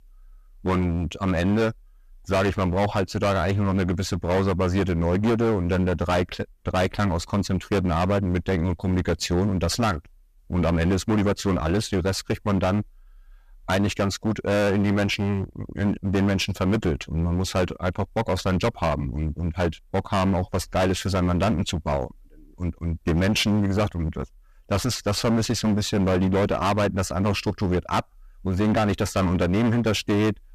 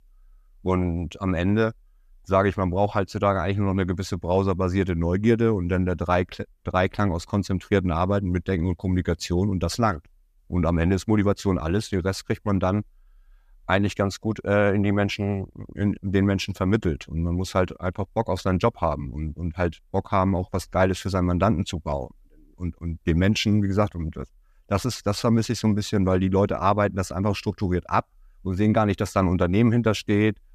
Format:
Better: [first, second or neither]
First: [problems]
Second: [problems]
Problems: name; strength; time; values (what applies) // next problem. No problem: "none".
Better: second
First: distortion; heavy; 17% of the sound clipped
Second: none